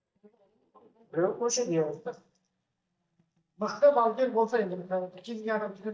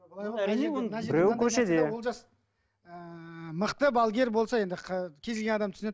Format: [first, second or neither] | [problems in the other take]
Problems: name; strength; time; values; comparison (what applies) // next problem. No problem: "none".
second | noise reduction (neural mask model DeepFilterNet 3)